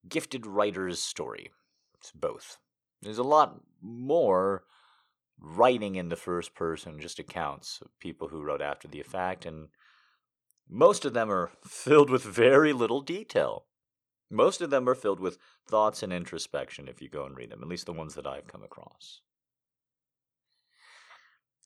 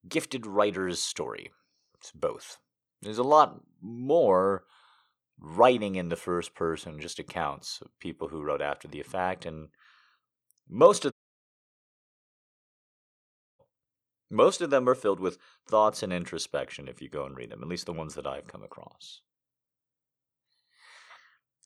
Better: first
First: none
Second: audio cutting out; at 11 s for 2.5 s

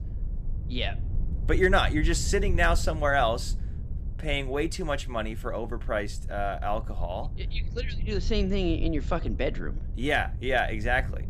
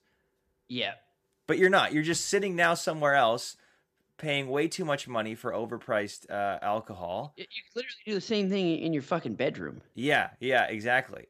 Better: second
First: low rumble; faint; throughout; 20 dB below the speech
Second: none

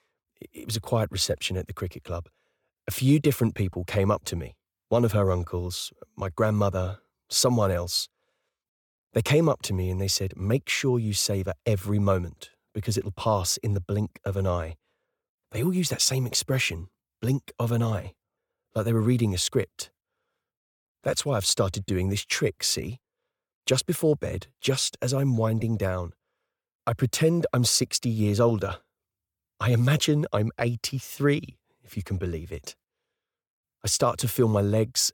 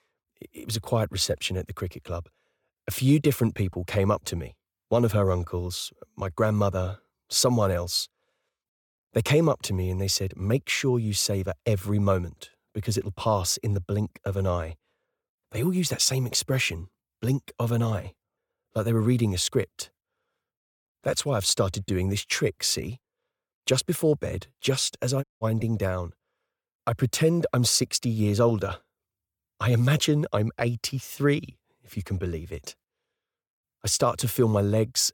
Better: first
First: none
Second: audio cutting out; at 25 s

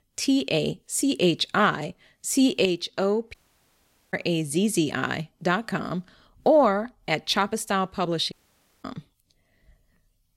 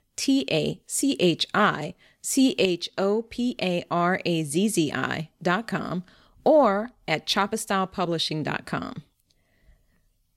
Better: second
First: audio cutting out; at 3.5 s for 1 s and at 8.5 s for 0.5 s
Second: none

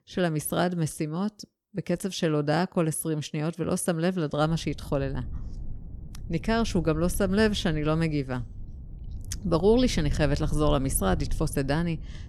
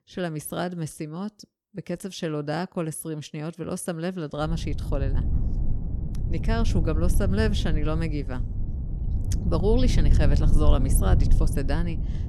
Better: first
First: low rumble; faint; from 4.5 s on; 25 dB below the speech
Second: low rumble; loud; from 4.5 s on; 9 dB below the speech

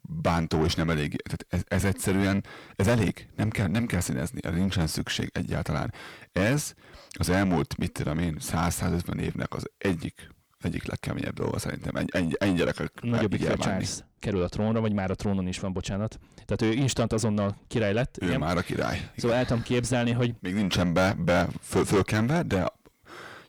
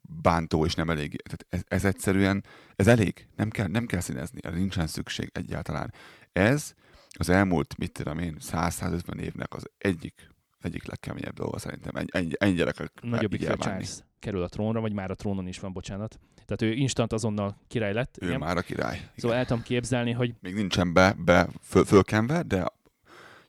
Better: second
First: distortion; heavy; 6 dB below the speech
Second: none

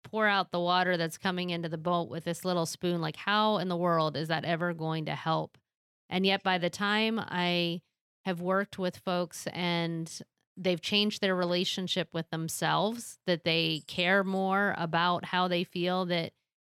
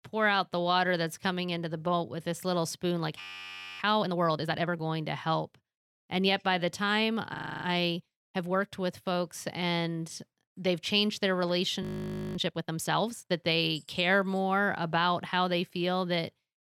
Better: first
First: none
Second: audio freezing; at 3 s for 0.5 s, at 7.5 s and at 12 s for 0.5 s

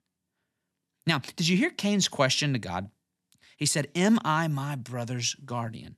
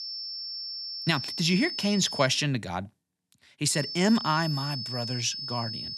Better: first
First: none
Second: high-pitched whine; loud; until 2.5 s and from 3.5 s on; 5 kHz, 6 dB below the speech

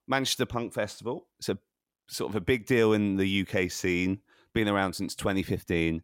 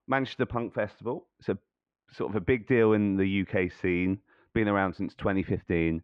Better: first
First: none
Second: muffled; very; fading above 2 kHz

